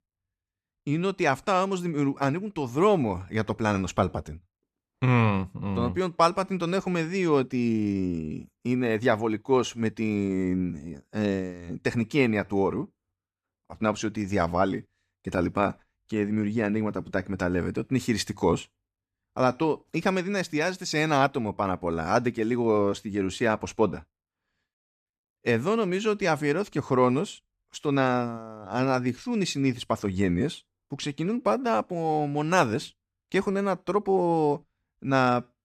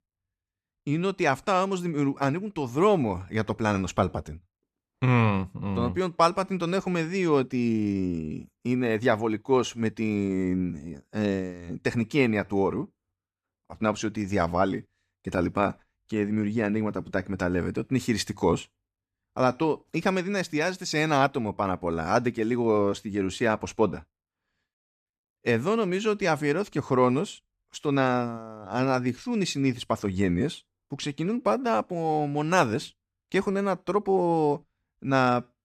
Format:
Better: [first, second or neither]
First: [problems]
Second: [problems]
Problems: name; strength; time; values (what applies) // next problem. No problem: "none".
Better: neither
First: none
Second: none